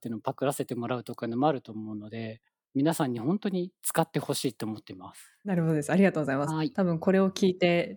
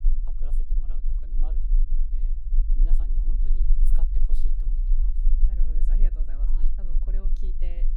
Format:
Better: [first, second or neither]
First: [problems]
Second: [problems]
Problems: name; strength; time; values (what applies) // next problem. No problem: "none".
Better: first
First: none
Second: low rumble; loud; throughout; as loud as the speech